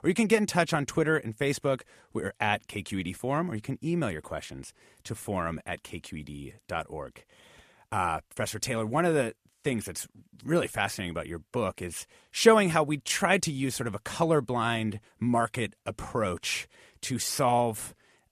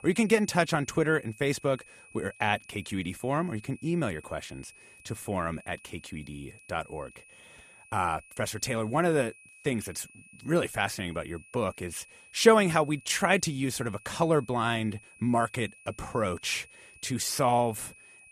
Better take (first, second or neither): first